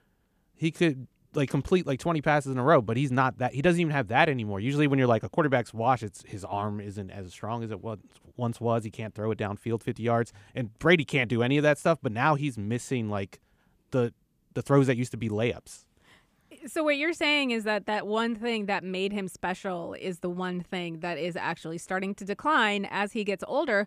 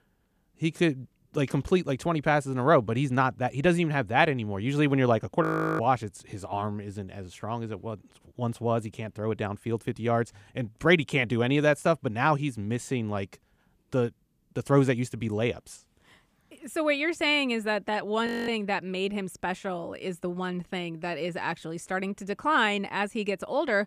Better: first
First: none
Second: audio freezing; at 5.5 s and at 18 s

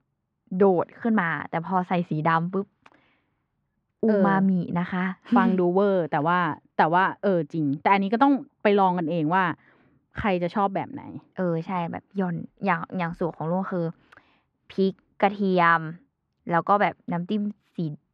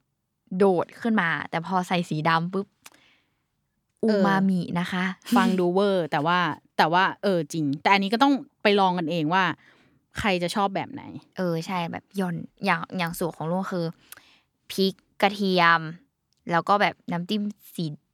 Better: second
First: muffled; very; fading above 1.5 kHz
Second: none

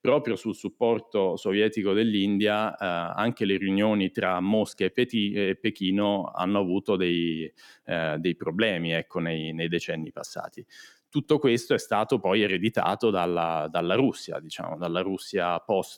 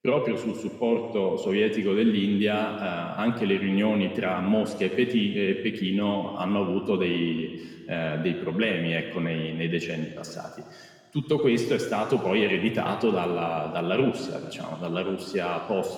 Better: first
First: none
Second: room echo; noticeable; dies away in 1.6 s // off-mic speech; somewhat distant

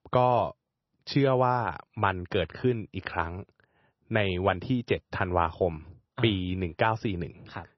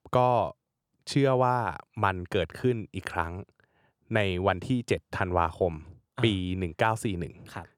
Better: second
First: garbled, watery; slightly; nothing above 5.5 kHz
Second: none

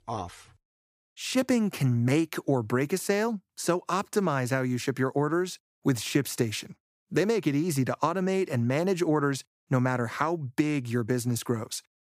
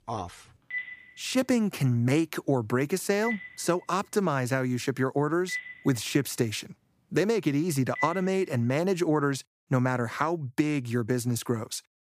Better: first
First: none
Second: phone ringing; noticeable; from 0.5 to 8 s; peak 7 dB below the speech

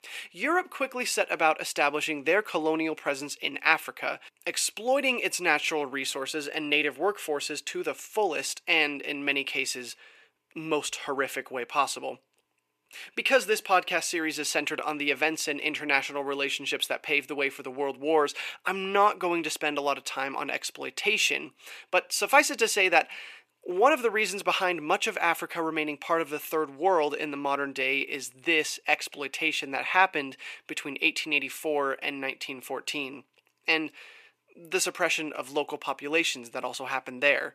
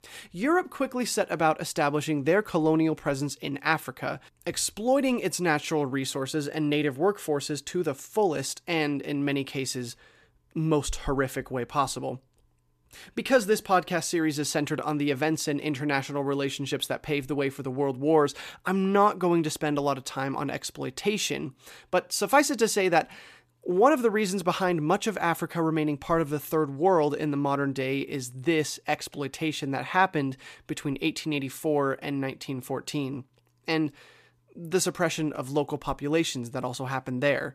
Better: second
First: thin; somewhat; fading below 400 Hz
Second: none

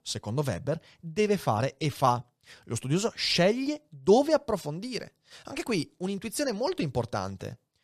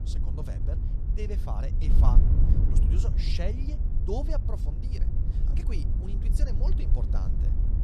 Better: first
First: none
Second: wind noise on the microphone; heavy; 3 dB below the speech

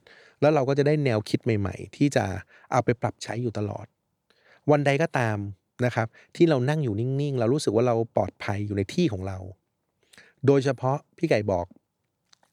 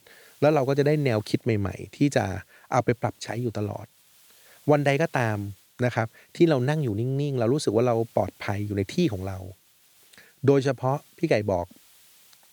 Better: first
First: none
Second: hiss; faint; throughout; 30 dB below the speech

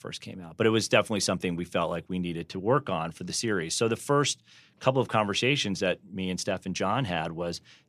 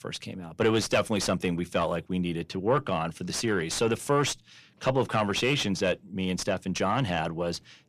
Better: first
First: none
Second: distortion; slight; 10 dB below the speech

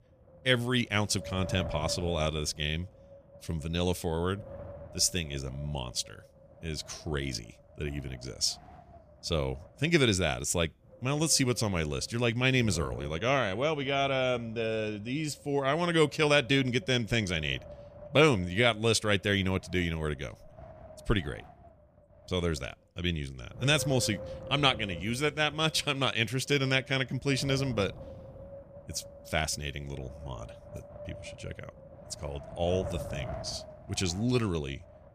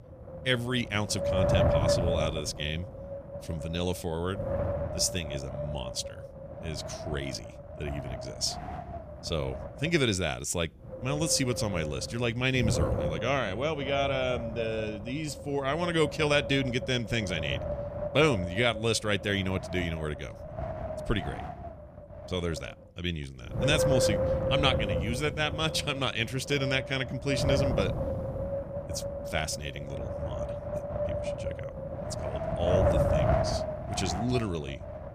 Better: first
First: wind noise on the microphone; occasional gusts; 15 dB below the speech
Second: wind noise on the microphone; heavy; 3 dB below the speech

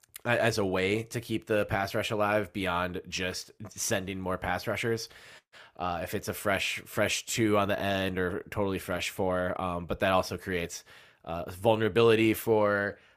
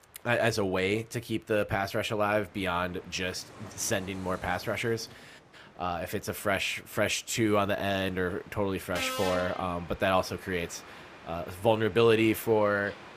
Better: first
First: none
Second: train or aircraft noise; noticeable; throughout; 15 dB below the speech

